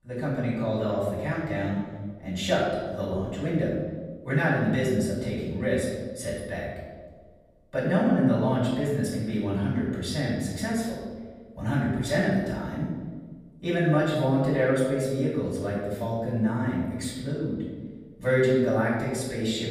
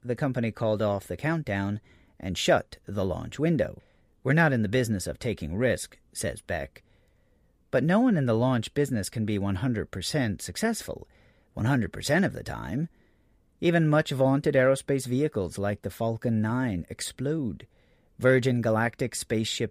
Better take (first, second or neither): second